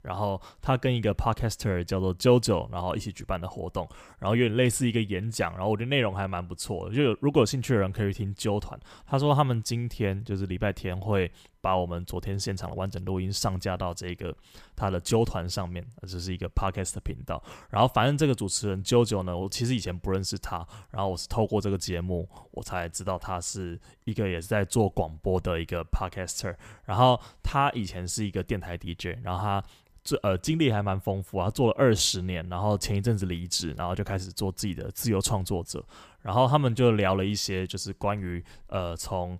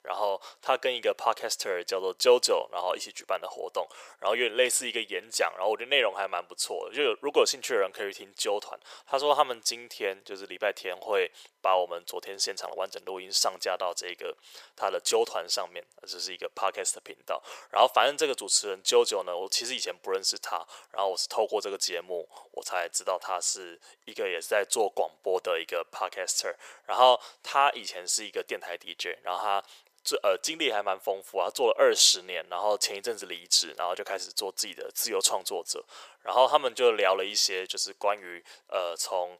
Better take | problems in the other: first | thin; very; fading below 500 Hz

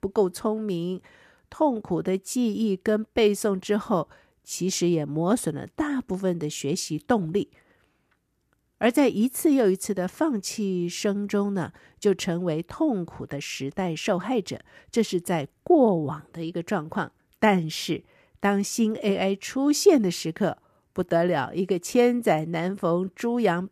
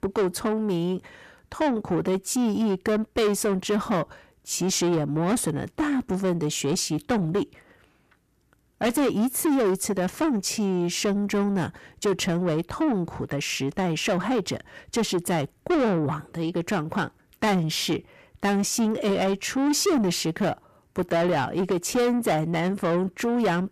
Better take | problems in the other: first | distortion; heavy; 8 dB below the speech

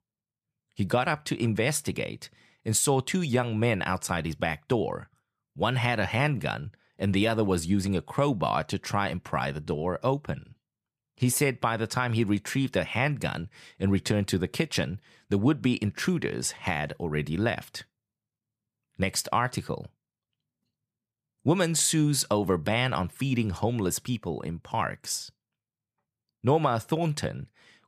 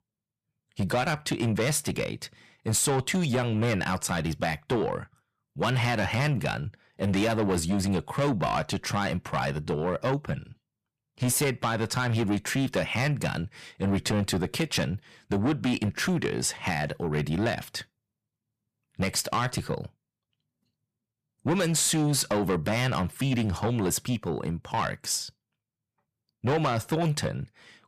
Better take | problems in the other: first | distortion; heavy; 7 dB below the speech

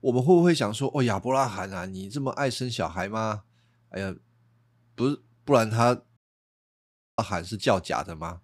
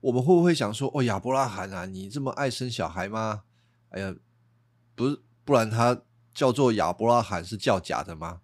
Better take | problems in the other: second | audio cutting out; at 6 s for 1 s

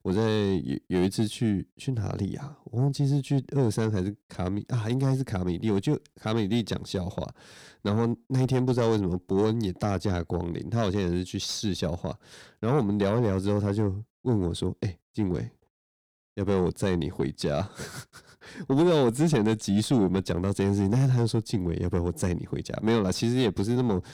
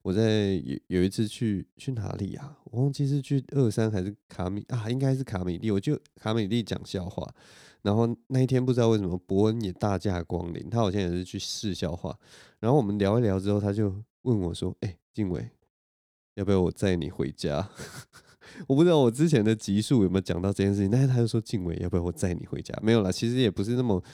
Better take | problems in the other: second | distortion; slight; 9 dB below the speech

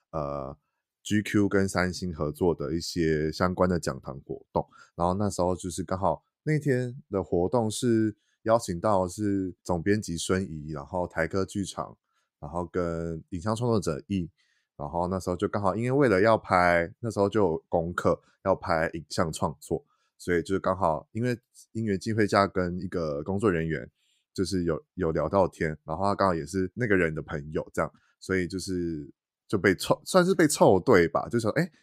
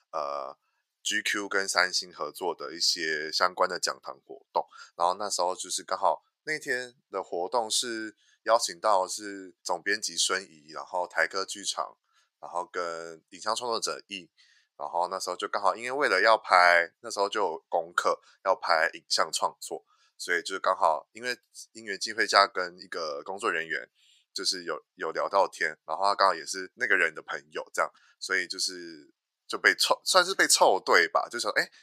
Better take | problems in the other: first | thin; very; fading below 800 Hz

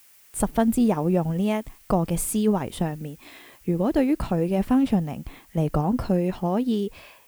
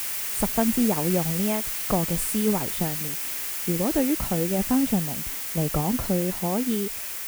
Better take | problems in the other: first | hiss; loud; throughout; 1 dB below the speech; faint in the first

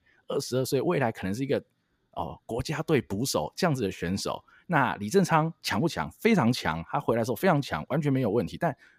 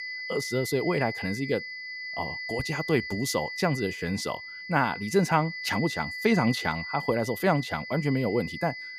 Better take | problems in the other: first | high-pitched whine; loud; throughout; 2 kHz, 7 dB below the speech

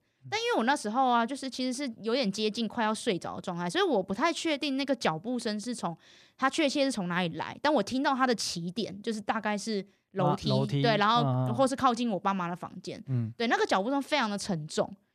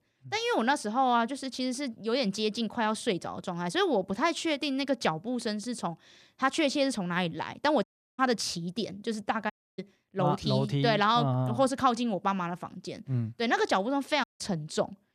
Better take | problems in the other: first | audio cutting out; at 8 s, at 9.5 s and at 14 s

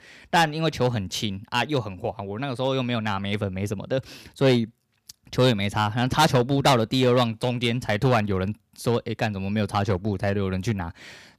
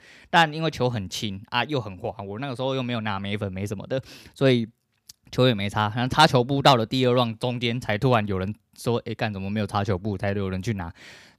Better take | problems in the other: second | distortion; slight; 3% of the sound clipped

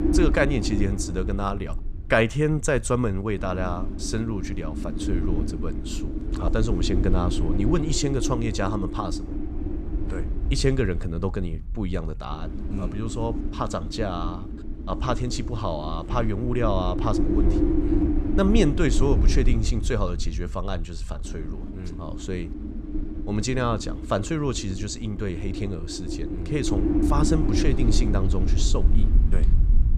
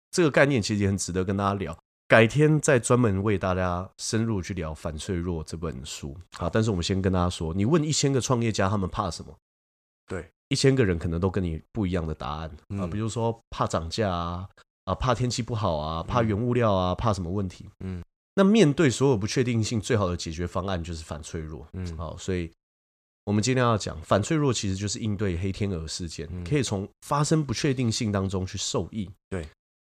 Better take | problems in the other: second | wind noise on the microphone; heavy; 6 dB below the speech

